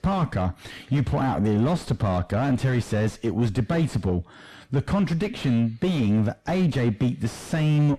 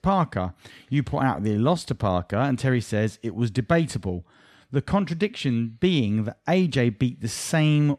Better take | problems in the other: second | distortion; heavy; 5 dB below the speech

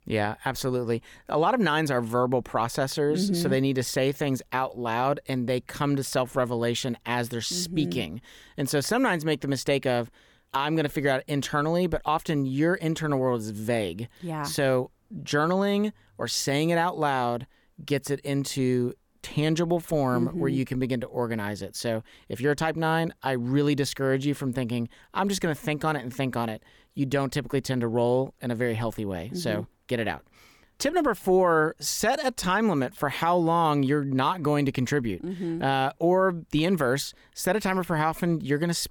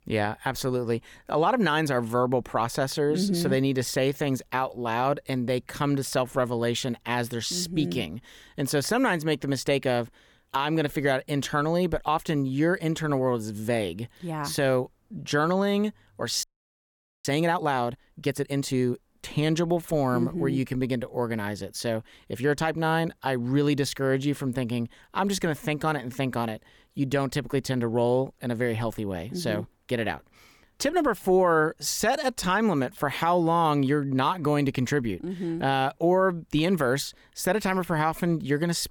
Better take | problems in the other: first | audio freezing; at 16 s for 1 s

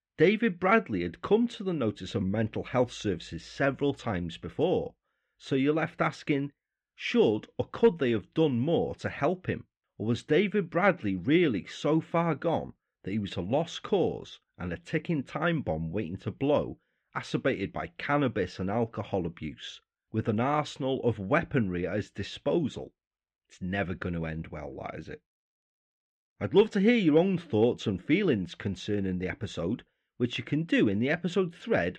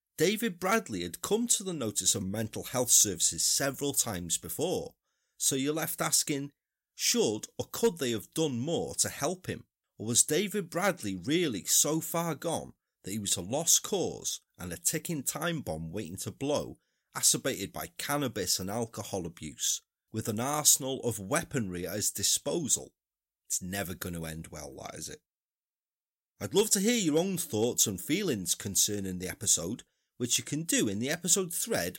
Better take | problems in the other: second | muffled; very; fading above 2.5 kHz

